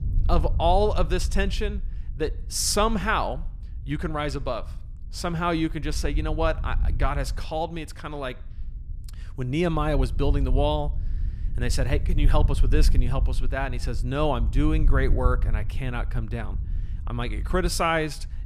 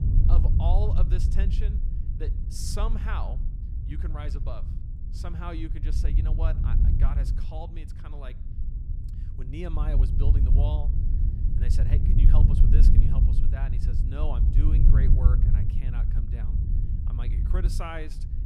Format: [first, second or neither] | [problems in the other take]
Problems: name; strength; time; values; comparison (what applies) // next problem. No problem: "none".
first | low rumble; loud; throughout; 2 dB below the speech; faint in the first